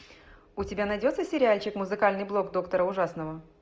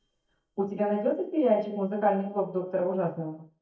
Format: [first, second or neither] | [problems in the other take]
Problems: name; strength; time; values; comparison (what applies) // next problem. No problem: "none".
first | noise reduction (neural mask model DeepFilterNet 3)